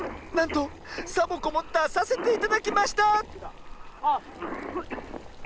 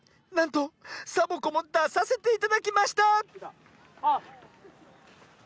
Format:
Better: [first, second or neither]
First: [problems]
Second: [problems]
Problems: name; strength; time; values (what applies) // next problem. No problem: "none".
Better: second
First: background sound (Cough + Boiling); 9 dB below the speech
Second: none